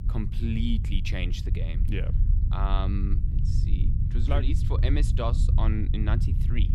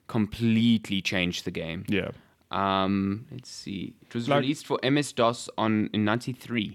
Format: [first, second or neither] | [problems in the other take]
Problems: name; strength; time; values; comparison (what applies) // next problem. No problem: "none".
second | low rumble; loud; throughout; 7 dB below the speech